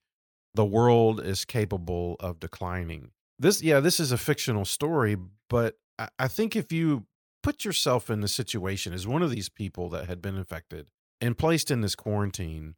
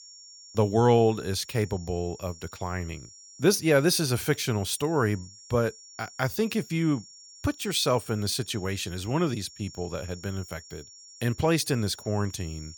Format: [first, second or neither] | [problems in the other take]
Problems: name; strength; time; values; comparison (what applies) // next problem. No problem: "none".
first | high-pitched whine; noticeable; throughout; 5.5 kHz, 20 dB below the speech